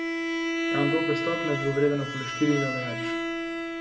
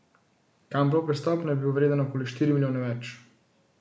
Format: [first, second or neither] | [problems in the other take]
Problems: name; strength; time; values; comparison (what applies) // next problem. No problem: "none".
second | background sound (Bowed string instrument); 1 dB below the speech // room echo; dies away in 0.5 s